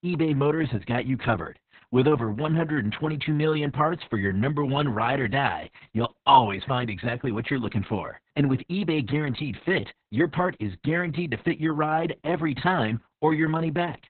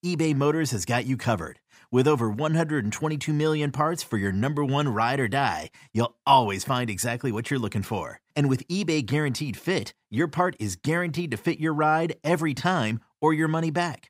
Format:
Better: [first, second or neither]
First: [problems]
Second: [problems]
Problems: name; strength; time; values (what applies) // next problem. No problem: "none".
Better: second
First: garbled, watery; badly; nothing above 4 kHz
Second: none